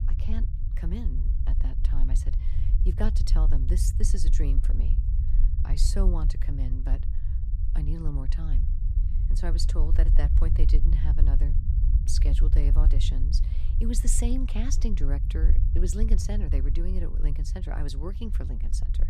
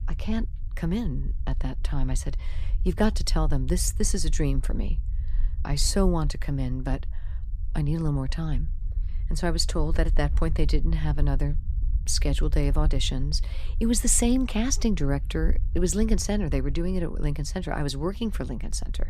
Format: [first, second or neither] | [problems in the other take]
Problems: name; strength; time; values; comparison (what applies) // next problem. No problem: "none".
second | low rumble; loud; throughout; 7 dB below the speech; faint in the second